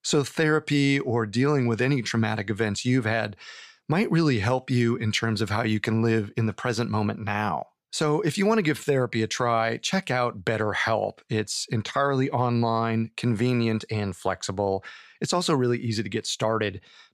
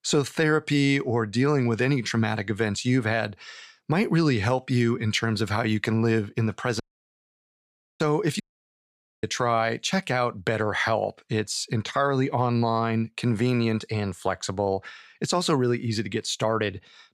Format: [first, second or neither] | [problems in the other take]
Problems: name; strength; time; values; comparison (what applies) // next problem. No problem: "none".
first | audio cutting out; at 7 s for 1 s and at 8.5 s for 1 s